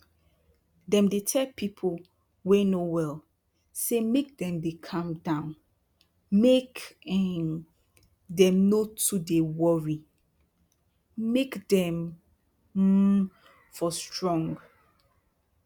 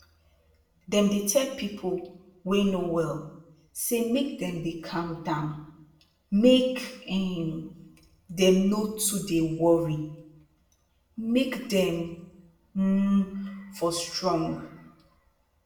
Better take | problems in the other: first | room echo; dies away in 0.7 s

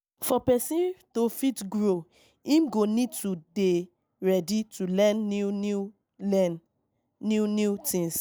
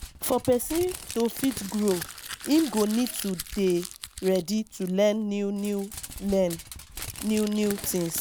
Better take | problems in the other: first | background sound (Crumpling, crinkling); 12 dB below the speech

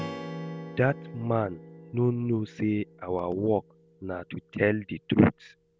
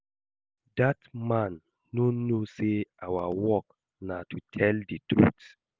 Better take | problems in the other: second | background sound (Strum); 15 dB below the speech

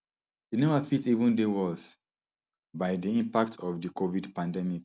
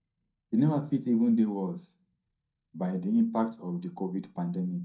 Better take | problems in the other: first | noise reduction (neural mask model DeepFilterNet 3)

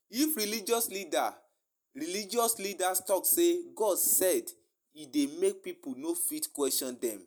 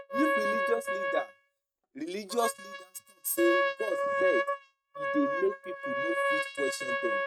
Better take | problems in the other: first | noise reduction (neural mask model RNNoise)

